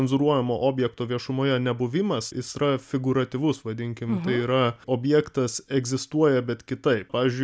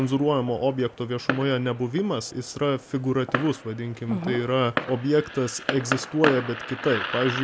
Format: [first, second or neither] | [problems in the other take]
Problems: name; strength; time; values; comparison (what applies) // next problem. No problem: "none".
first | background sound (Fireworks); 8 dB below the speech